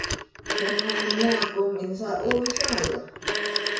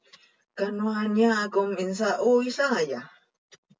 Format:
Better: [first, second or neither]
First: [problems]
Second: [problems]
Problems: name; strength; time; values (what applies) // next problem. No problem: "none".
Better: second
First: background sound (Telephone); as loud as the speech // room echo; dies away in 0.6 s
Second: none